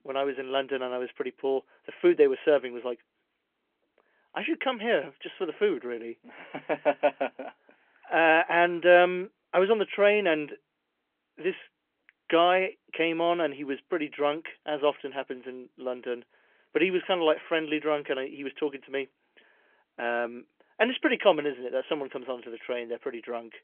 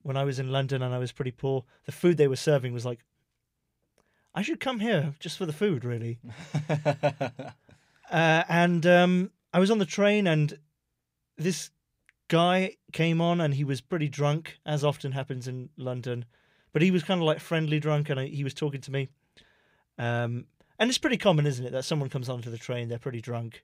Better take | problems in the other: second | phone-call audio; nothing above 3.5 kHz

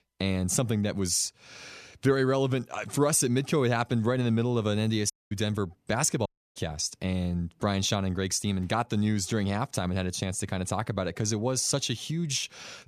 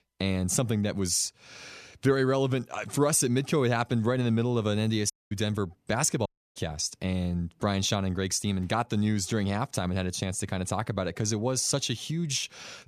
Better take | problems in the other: neither | audio cutting out; at 5 s and at 6.5 s; the same in both

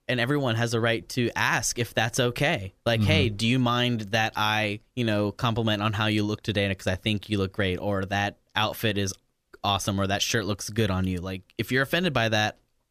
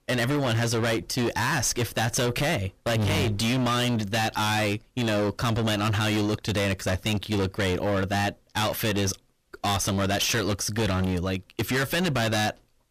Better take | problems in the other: first | distortion; heavy; 30% of the sound clipped

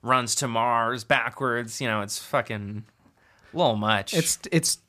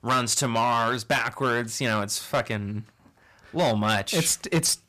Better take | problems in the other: first | distortion; heavy; 8% of the sound clipped

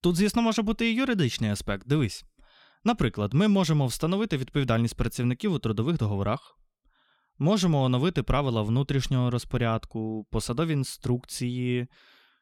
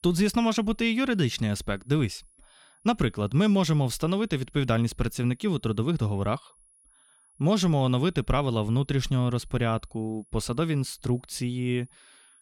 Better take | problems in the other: first | high-pitched whine; faint; throughout; 10.5 kHz, 30 dB below the speech

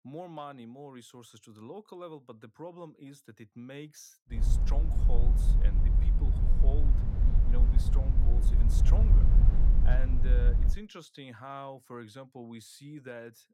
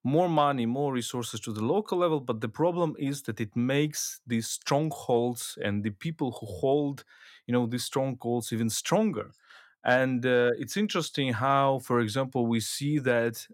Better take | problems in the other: second | low rumble; loud; from 4.5 to 11 s; 1 dB below the speech

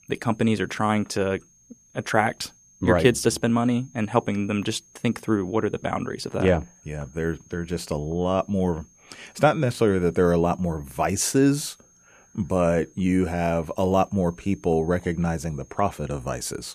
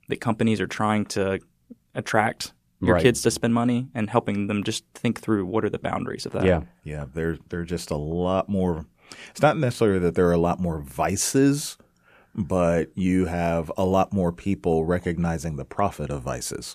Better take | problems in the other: second | high-pitched whine; faint; throughout; 6.5 kHz, 30 dB below the speech

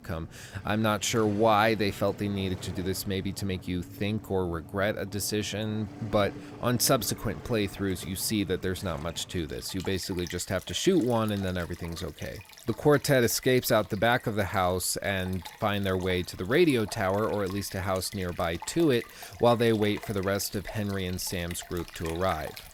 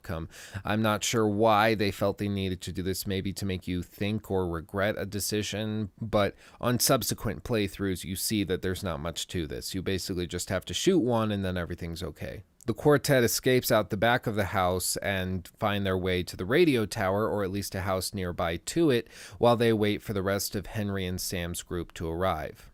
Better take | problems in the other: second | rain or running water; noticeable; throughout; 15 dB below the speech

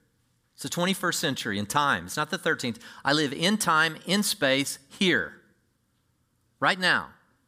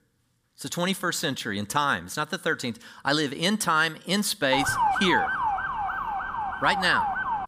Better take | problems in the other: first | siren; loud; from 4.5 s on; peak 2 dB above the speech

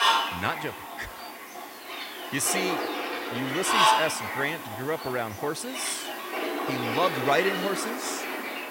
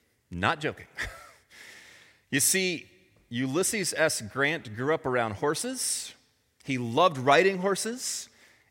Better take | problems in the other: second | animal sounds; very loud; throughout; 1 dB above the speech

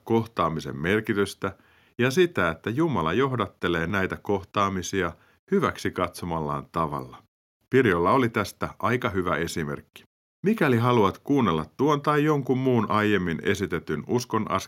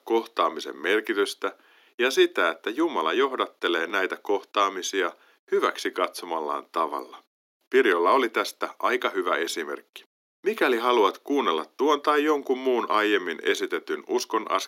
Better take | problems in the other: first | thin; somewhat; fading below 300 Hz

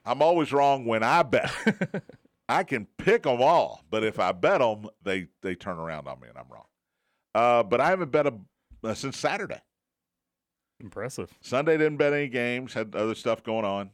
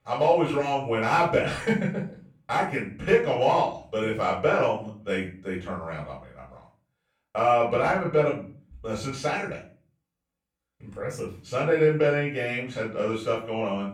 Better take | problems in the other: first | off-mic speech; far // room echo; slight; dies away in 0.4 s

